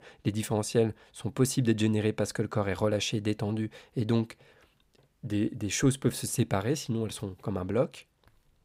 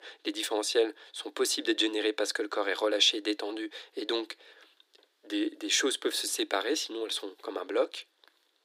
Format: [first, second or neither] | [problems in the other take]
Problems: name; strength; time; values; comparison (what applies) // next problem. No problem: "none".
first | thin; very; fading below 300 Hz